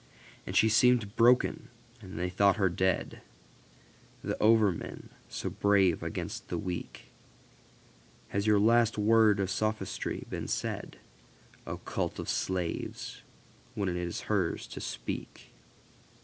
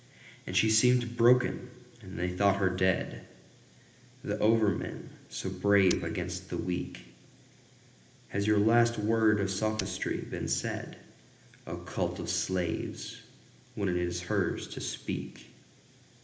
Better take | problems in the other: first | background sound (Shatter); 10 dB below the speech // room echo; dies away in 0.8 s

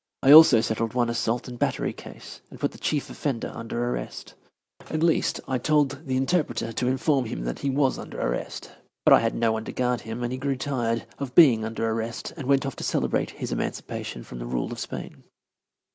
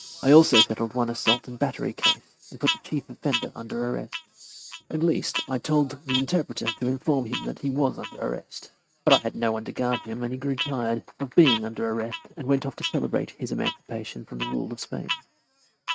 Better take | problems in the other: first | noise reduction (neural mask model RNNoise)

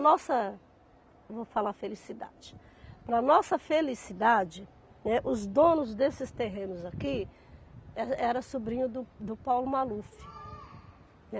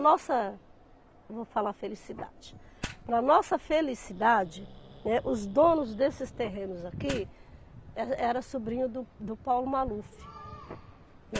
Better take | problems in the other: first | background sound (Growling + Fire); 18 dB below the speech

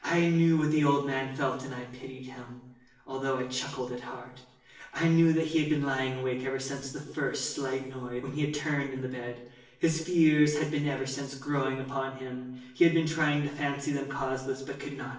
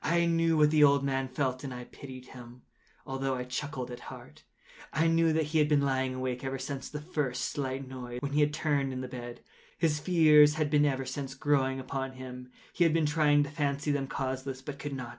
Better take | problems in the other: second | room echo; dies away in 0.8 s

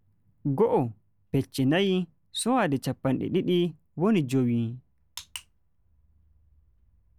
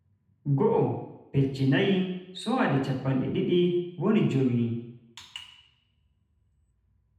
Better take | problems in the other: first | room echo; dies away in 0.9 s

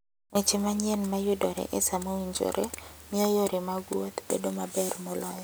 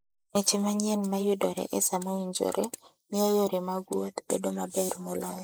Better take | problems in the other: first | noise reduction (neural mask model Resemble Enhance denoiser)

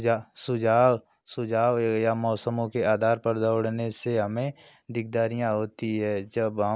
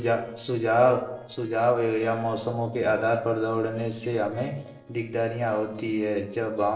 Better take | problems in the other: first | noise reduction (neural separator model SepFormer DNS4)

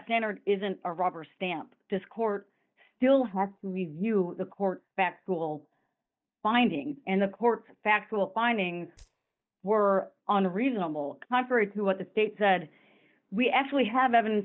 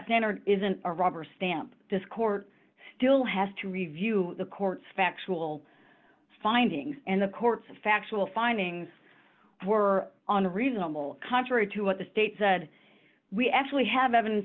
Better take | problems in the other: second | noise reduction (neural mask model DeepFilterNet 3)

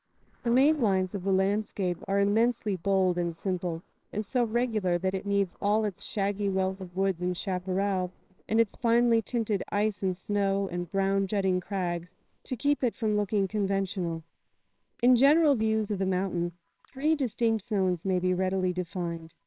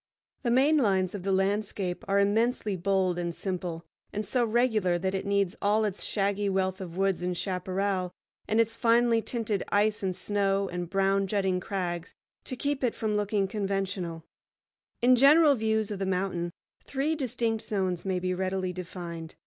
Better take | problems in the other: second | noise reduction (neural separator model SepFormer WHAMR!)

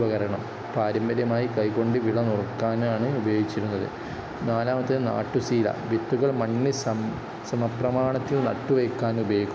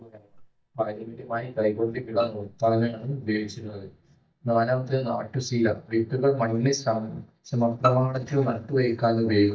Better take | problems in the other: first | noise reduction (neural mask model DeepFilterNet 3)

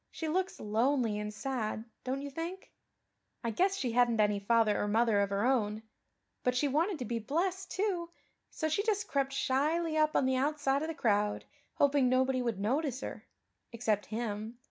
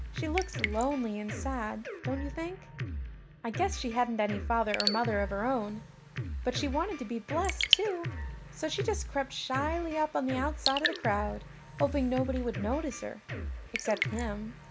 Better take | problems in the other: first | background sound (Raindrop / Drip + Drum kit); 3 dB below the speech

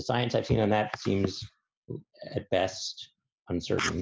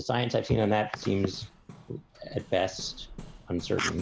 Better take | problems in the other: first | background sound (Hammer); 19 dB below the speech

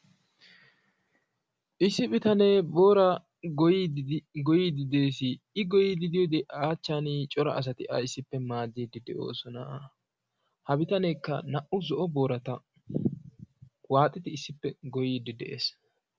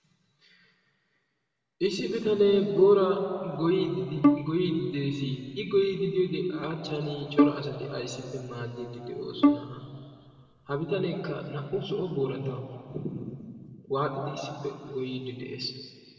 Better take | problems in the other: first | background sound (Bowed string instrument); 1 dB above the speech // room echo; dies away in 2.5 s

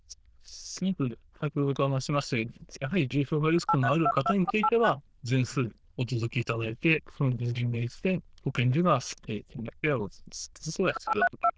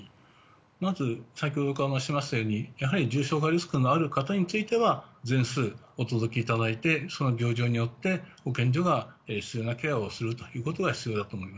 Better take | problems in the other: second | noise reduction (neural diffusion model UNIVERSE++)

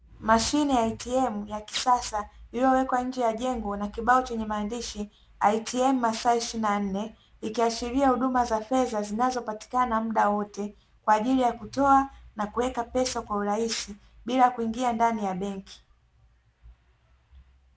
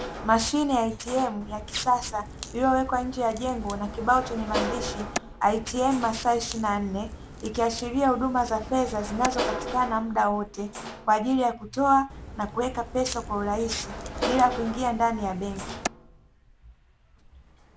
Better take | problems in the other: first | background sound (Crack + Sliding door / Slam); 10 dB below the speech

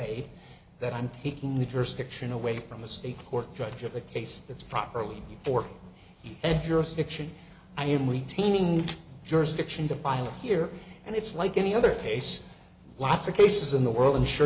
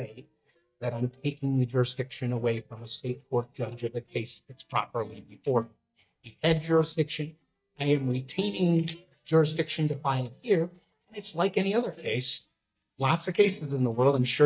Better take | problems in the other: first | noise reduction (neural mask model DeepFilterNet 3)

